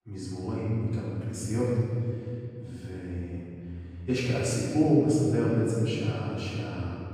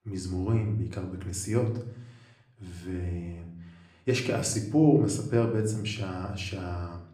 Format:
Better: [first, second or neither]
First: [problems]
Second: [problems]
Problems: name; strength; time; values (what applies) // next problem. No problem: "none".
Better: second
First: room echo; strong; dies away in 3 s // off-mic speech; far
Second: room echo; slight; dies away in 0.6 s // off-mic speech; somewhat distant